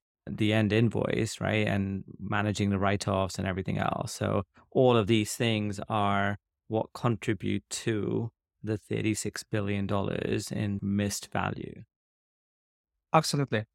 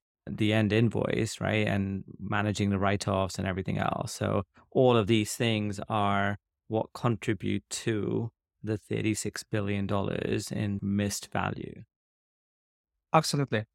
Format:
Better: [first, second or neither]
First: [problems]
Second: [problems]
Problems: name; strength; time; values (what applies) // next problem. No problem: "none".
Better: neither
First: none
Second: none